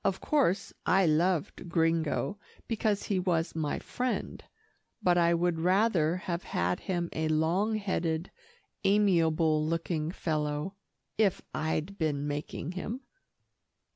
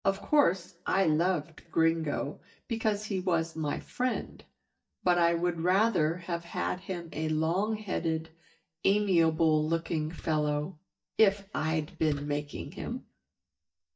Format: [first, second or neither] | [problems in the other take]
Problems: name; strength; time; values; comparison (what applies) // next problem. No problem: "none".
first | noise reduction (neural mask model DeepFilterNet 3)